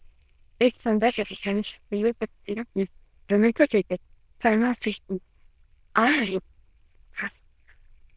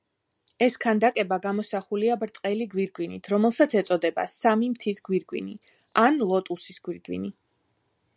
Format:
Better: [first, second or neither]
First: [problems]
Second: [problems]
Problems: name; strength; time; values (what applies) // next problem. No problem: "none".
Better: second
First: noise reduction (neural diffusion model UNIVERSE++)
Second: none